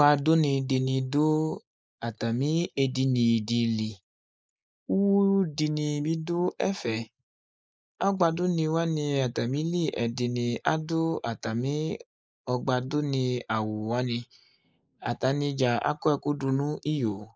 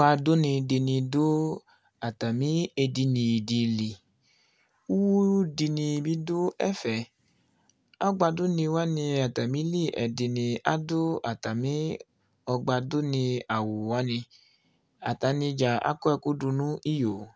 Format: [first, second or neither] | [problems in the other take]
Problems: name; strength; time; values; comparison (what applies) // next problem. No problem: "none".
second | noise reduction (neural mask model Resemble Enhance denoiser)